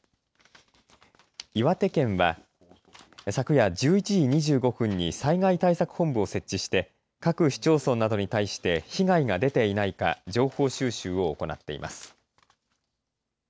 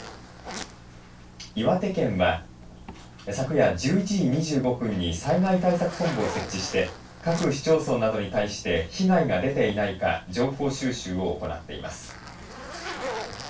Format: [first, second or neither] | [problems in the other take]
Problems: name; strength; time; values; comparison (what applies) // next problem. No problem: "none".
first | background sound (Zipper (clothing)); 14 dB below the speech // room echo; dies away in 0.2 s